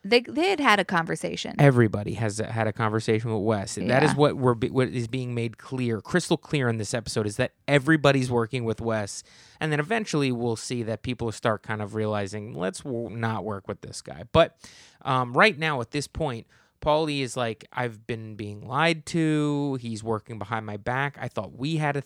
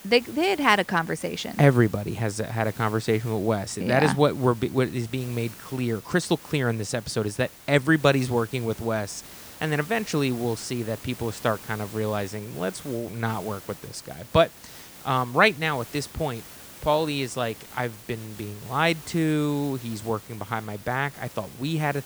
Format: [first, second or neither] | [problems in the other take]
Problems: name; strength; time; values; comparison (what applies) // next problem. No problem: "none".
first | hiss; noticeable; throughout; 15 dB below the speech